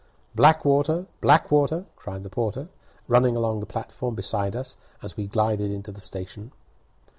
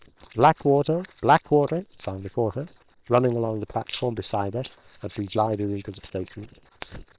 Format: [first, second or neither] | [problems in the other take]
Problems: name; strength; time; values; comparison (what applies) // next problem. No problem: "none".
first | noise reduction (neural separator model SepFormer WHAM!)